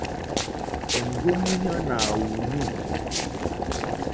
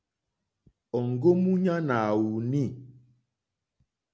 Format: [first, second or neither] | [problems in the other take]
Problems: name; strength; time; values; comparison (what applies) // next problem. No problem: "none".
second | background sound (Walk, footsteps + Boiling); 2 dB above the speech